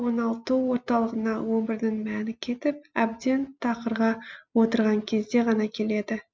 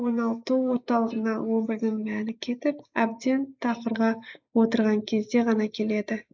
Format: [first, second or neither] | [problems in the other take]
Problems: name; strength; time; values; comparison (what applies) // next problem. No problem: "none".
first | noise reduction (neural mask model Resemble Enhance denoiser)